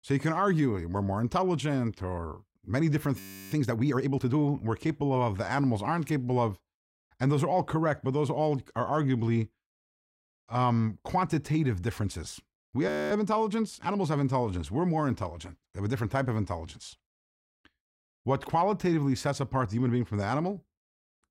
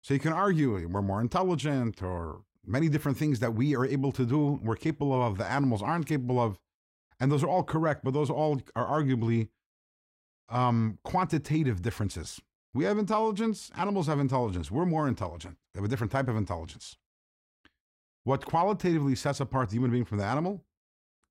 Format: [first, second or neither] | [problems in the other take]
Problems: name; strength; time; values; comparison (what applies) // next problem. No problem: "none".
second | audio freezing; at 3 s and at 13 s